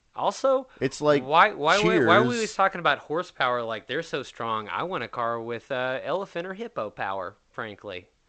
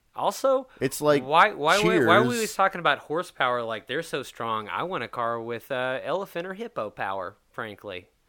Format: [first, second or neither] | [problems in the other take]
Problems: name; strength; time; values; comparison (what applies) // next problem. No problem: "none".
second | garbled, watery; slightly; nothing above 8 kHz